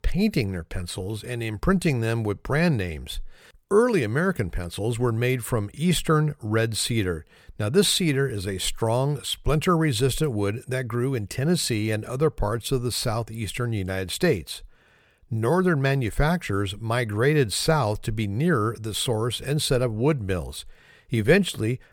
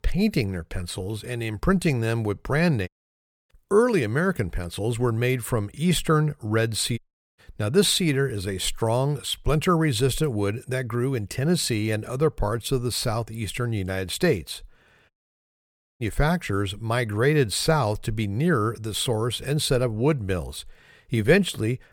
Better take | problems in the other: first | audio cutting out; at 3 s for 0.5 s, at 7 s and at 15 s for 1 s

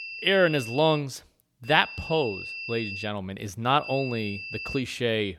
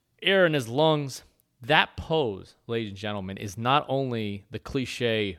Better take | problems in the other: second | high-pitched whine; loud; at the start, from 1.5 to 3 s and at 4 s; 2.5 kHz, 10 dB below the speech

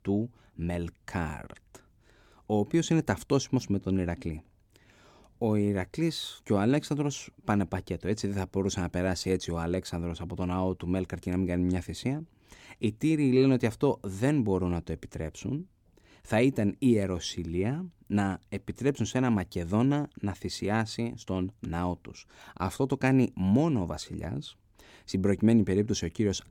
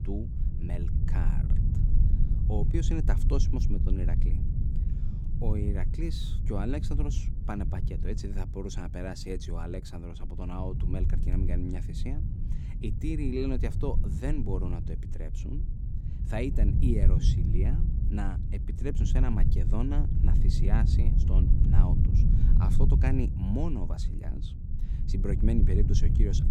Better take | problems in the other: first | low rumble; loud; throughout; 4 dB below the speech

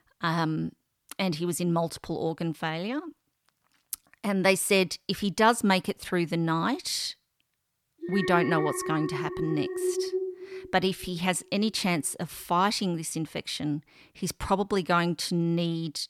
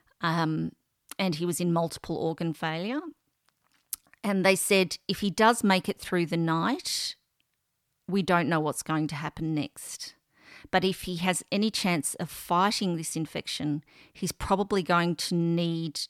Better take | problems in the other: second | alarm; noticeable; from 8 to 12 s; peak 1 dB below the speech

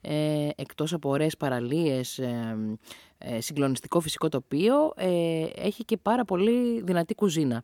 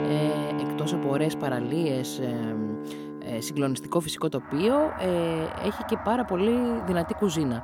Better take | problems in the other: first | background music; loud; throughout; 6 dB below the speech

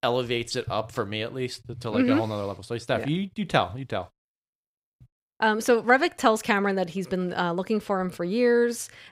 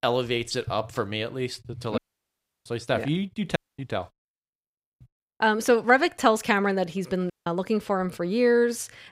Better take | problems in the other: first | audio cutting out; at 2 s for 0.5 s, at 3.5 s and at 7.5 s

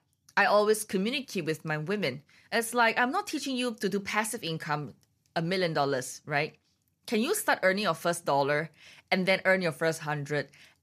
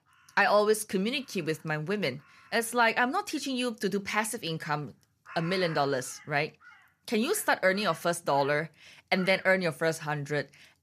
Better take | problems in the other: first | animal sounds; noticeable; throughout; 20 dB below the speech

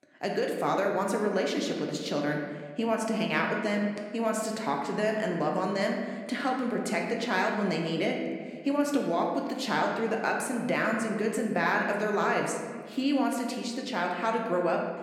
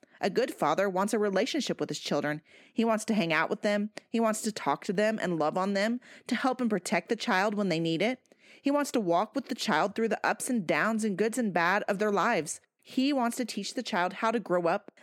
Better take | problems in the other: second | room echo; noticeable; dies away in 1.4 s

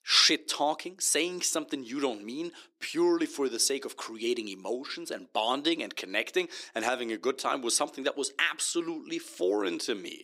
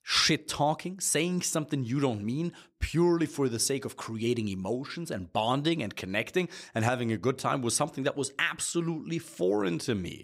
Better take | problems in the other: second | thin; somewhat; fading below 300 Hz

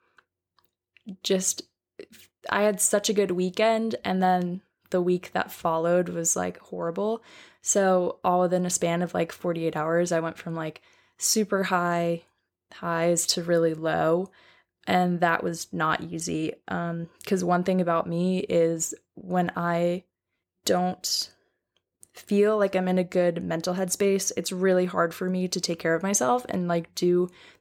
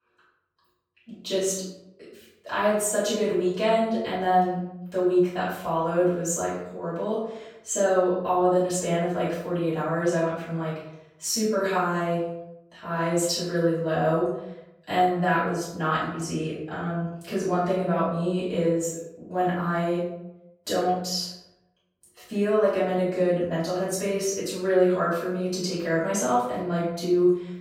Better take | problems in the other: first | off-mic speech; far // room echo; noticeable; dies away in 0.7 s

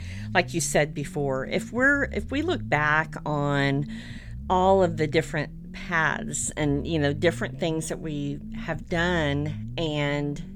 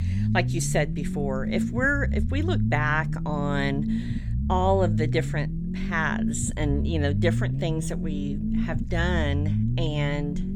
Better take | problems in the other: first | low rumble; loud; throughout; 10 dB below the speech; faint in the first

